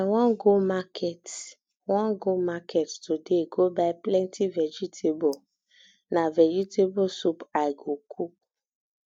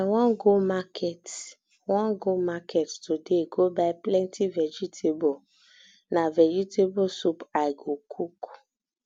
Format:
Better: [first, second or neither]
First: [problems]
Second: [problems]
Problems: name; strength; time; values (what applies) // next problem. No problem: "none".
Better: second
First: noise reduction (neural mask model DeepFilterNet 3)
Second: none